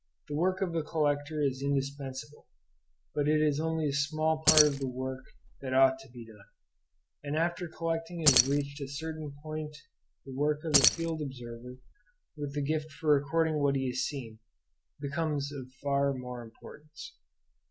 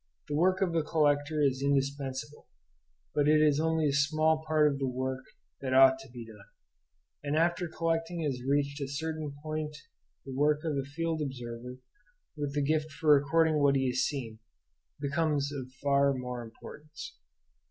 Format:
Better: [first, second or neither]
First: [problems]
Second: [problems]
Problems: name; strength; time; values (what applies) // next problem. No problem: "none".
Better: second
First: background sound (Keys jangling); as loud as the speech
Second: none